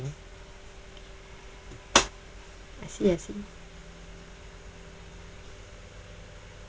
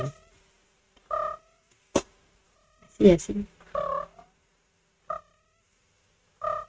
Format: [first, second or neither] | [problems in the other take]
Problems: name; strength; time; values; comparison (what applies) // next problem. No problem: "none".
first | noise reduction (neural mask model RNNoise)